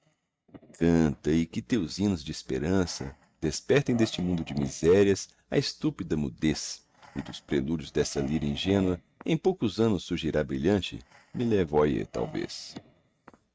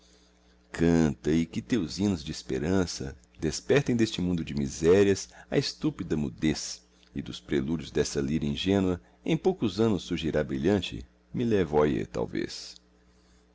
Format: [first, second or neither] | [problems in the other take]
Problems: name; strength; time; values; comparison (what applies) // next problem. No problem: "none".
second | noise reduction (neural mask model RNNoise)